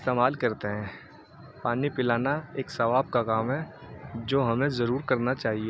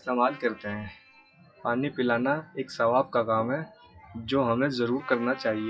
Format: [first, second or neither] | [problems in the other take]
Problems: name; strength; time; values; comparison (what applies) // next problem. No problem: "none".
first | noise reduction (classical method WPE with log-MMSE)